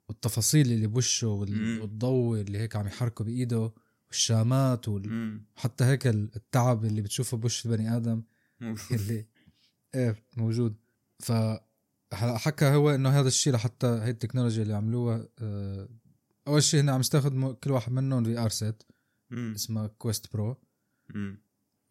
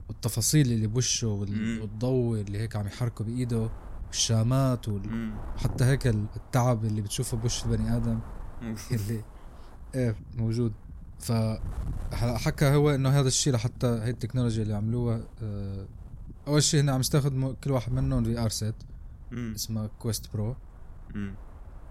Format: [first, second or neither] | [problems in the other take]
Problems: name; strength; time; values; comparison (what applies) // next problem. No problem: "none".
first | wind noise on the microphone; occasional gusts; 20 dB below the speech